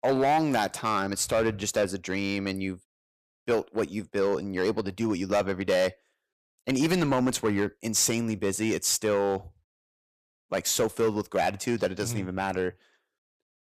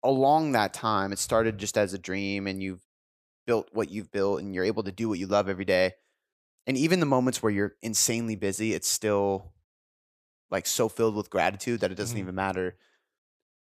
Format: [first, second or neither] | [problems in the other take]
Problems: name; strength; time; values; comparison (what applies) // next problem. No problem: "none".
second | distortion; slight; 5% of the sound clipped